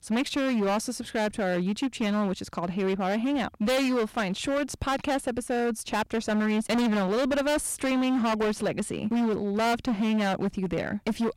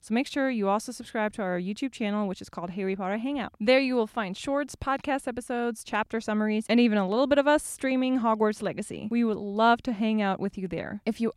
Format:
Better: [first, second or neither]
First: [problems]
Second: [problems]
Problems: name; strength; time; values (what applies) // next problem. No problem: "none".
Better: second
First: distortion; heavy; 23% of the sound clipped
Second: none